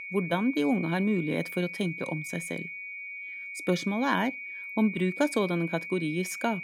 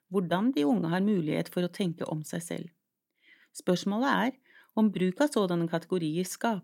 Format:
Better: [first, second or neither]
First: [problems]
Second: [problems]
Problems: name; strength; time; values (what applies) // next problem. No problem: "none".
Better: second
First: high-pitched whine; loud; throughout; 2.5 kHz, 8 dB below the speech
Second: none